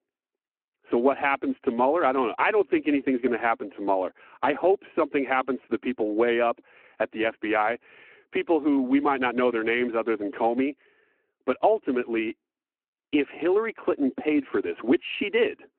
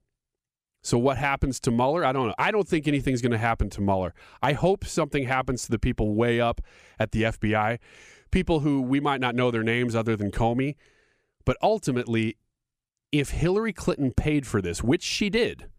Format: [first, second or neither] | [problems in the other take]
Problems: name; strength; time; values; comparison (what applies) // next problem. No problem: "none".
second | phone-call audio